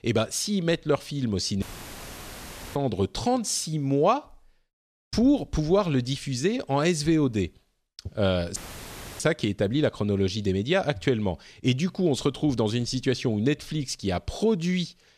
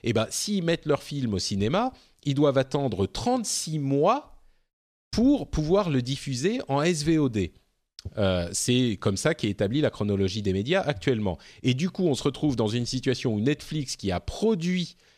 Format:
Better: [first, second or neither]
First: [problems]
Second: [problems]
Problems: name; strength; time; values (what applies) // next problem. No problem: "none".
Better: second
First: audio cutting out; filled with static; at 1.5 s for 1 s and at 8.5 s for 0.5 s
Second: none